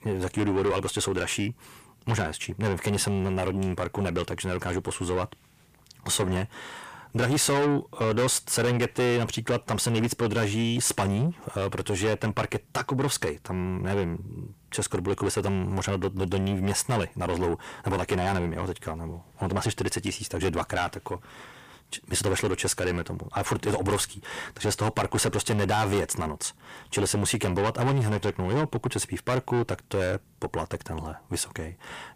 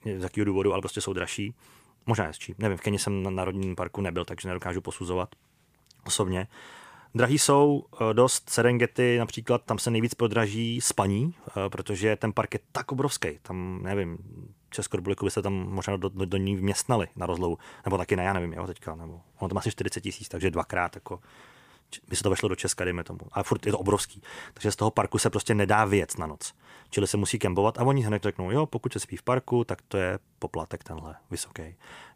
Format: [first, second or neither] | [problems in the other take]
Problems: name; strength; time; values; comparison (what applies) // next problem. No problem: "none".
second | distortion; heavy; 6 dB below the speech